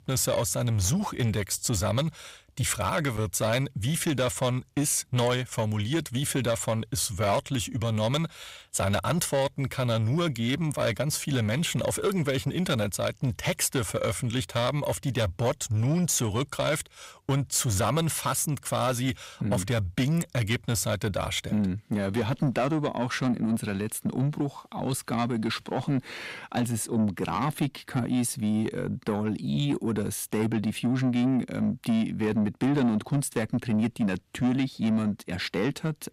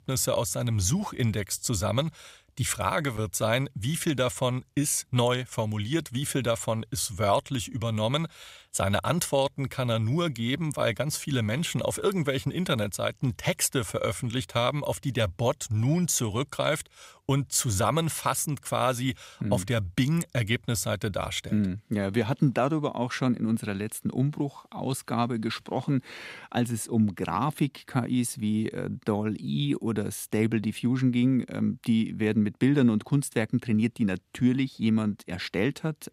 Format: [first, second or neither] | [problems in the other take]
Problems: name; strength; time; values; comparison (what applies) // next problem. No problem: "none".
second | distortion; slight; 10 dB below the speech